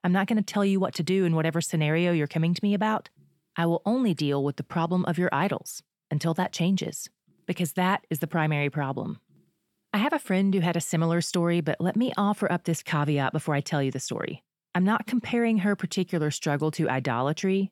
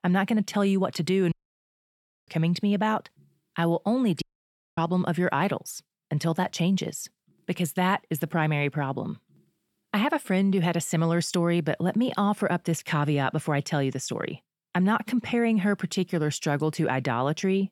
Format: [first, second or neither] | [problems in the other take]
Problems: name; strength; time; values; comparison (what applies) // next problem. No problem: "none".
first | audio cutting out; at 1.5 s for 1 s and at 4 s for 0.5 s